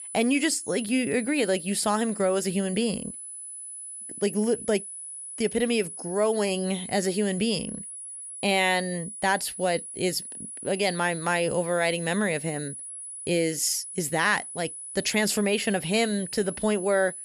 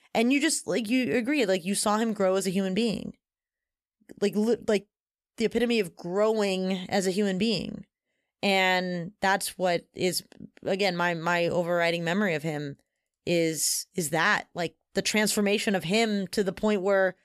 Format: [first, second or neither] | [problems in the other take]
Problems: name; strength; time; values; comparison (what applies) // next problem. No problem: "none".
second | high-pitched whine; loud; throughout; 10 kHz, 10 dB below the speech